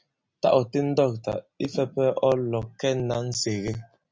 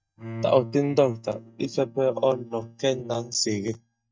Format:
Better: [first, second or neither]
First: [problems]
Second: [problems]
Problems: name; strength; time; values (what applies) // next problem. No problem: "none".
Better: first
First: none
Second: noise reduction (neural mask model DeepFilterNet 3)